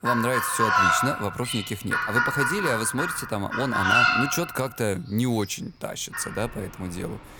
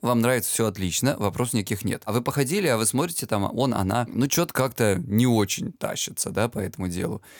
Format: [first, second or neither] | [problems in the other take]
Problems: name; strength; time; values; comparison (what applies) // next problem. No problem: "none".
second | animal sounds; very loud; throughout; 4 dB above the speech